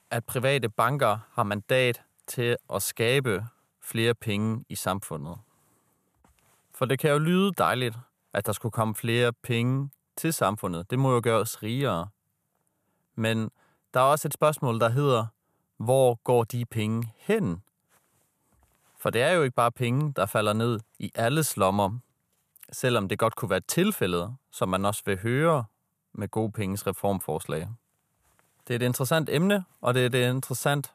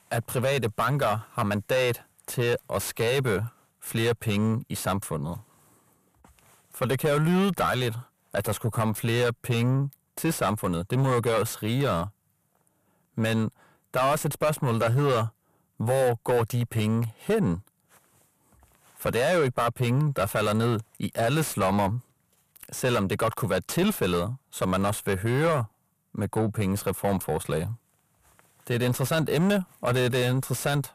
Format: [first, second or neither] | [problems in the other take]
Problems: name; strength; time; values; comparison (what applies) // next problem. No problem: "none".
first | distortion; heavy; 8 dB below the speech